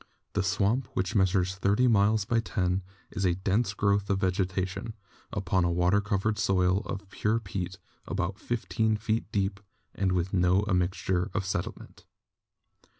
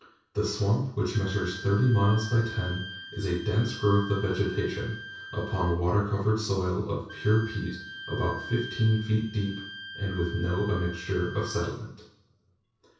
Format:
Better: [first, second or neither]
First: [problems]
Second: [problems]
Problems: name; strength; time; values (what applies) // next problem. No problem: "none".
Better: first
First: none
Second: background sound (Wind instrument, woodwind instrument); 15 dB below the speech // room echo; dies away in 0.6 s